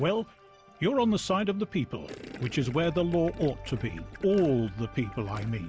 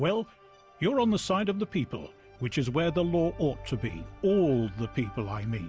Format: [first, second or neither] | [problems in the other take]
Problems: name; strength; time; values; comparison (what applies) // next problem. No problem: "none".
second | background sound (Gurgling); 19 dB below the speech